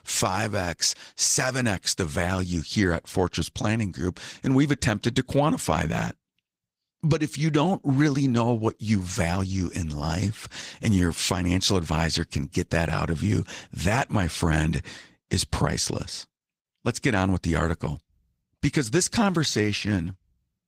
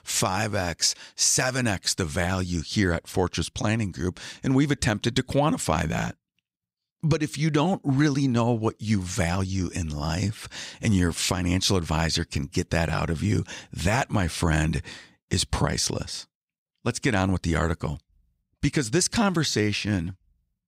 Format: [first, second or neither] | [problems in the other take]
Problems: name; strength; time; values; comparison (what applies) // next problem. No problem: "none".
second | garbled, watery; slightly; nothing above 15.5 kHz